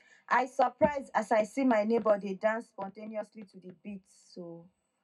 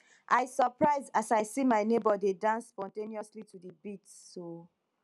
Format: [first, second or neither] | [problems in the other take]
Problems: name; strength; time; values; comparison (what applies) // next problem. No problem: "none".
second | room echo; dies away in 0.3 s